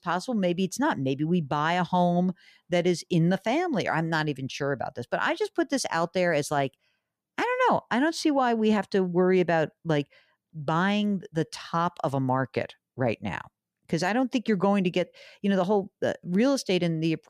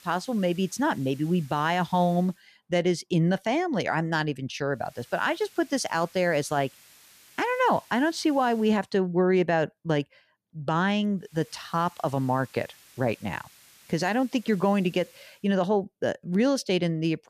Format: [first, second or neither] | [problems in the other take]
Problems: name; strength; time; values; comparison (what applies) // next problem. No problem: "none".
first | hiss; faint; until 2.5 s, from 5 to 9 s and from 11 to 15 s; 25 dB below the speech